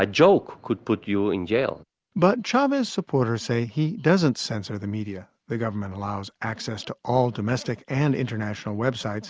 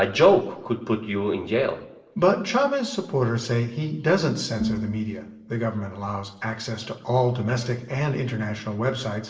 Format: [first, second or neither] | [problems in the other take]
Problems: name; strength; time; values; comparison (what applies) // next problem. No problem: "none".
first | background sound (Bowed string instrument); 9 dB below the speech // room echo; dies away in 0.7 s